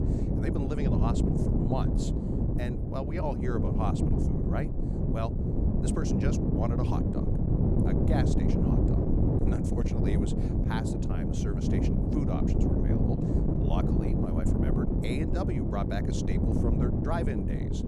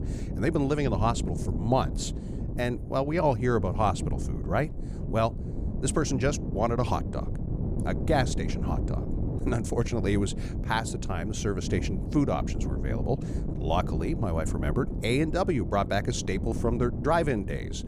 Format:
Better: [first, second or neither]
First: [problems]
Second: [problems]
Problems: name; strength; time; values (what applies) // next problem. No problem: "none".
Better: second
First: wind noise on the microphone; heavy; 2 dB above the speech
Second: wind noise on the microphone; occasional gusts; 10 dB below the speech